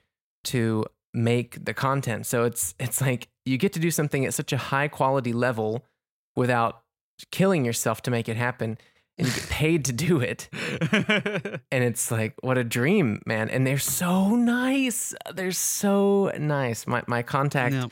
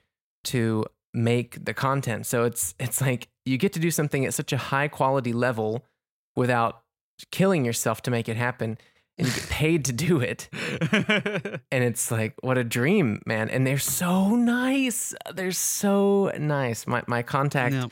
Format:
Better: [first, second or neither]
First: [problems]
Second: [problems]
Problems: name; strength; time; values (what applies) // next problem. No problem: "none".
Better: neither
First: none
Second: none